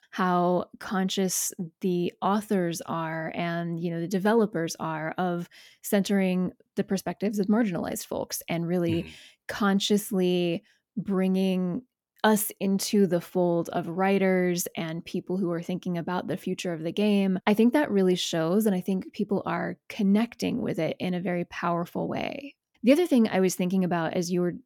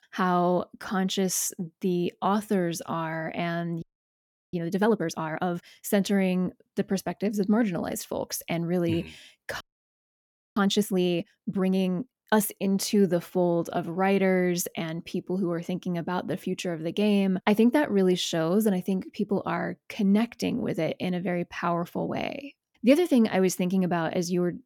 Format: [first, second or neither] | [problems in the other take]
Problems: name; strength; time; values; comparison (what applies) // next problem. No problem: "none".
first | audio freezing; at 4 s for 0.5 s and at 9.5 s for 1 s